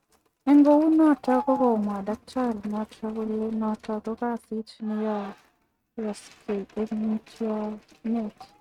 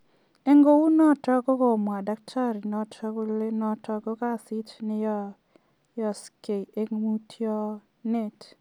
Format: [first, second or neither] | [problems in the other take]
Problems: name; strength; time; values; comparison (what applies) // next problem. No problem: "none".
second | noise reduction (neural mask model RNNoise)